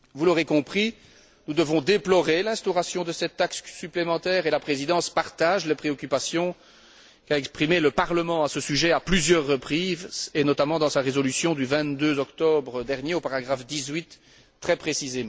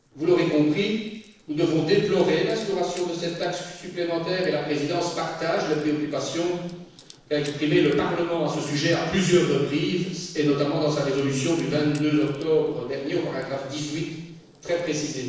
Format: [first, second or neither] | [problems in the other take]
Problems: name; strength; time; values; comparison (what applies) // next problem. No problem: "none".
first | noise reduction (neural separator model SepFormer DNS4)